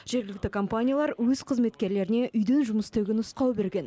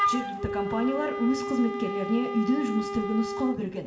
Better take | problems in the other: first | background sound (Wind instrument, woodwind instrument); 4 dB below the speech // room echo; dies away in 0.8 s

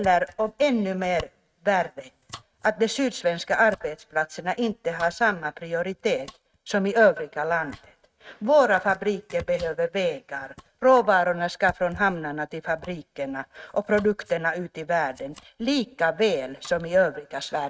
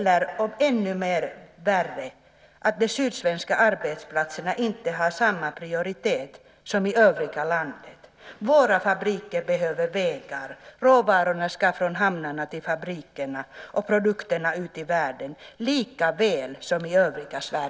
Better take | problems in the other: second | noise reduction (neural mask model RNNoise)

